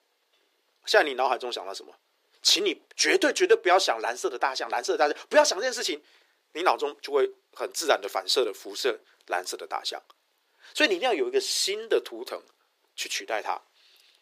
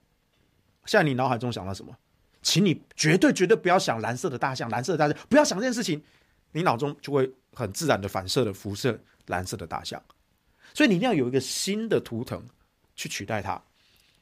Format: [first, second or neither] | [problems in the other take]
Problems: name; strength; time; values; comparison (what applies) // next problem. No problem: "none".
second | thin; very; fading below 350 Hz